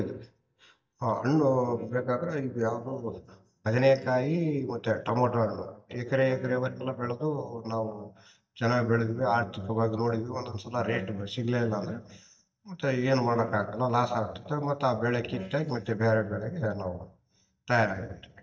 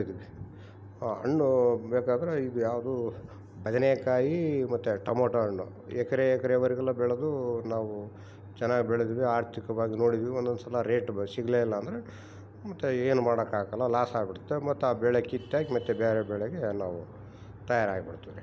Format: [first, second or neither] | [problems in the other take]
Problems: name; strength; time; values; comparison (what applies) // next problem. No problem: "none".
second | noise reduction (neural mask model DeepFilterNet 3)